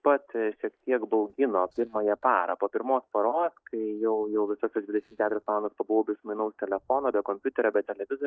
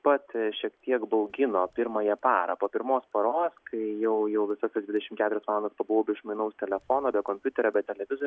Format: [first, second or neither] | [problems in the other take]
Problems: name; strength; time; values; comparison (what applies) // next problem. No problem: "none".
second | noise reduction (neural mask model DeepFilterNet 3)